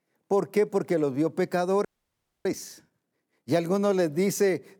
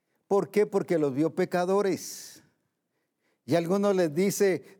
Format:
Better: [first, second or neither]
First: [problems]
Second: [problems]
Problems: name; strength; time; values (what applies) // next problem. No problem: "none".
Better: second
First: audio freezing; at 2 s for 0.5 s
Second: none